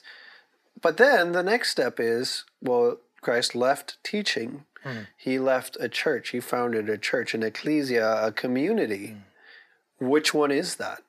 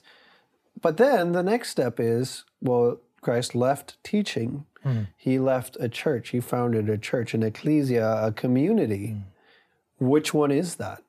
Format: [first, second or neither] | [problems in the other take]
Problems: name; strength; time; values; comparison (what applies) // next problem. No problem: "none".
second | thin; very slightly; fading below 300 Hz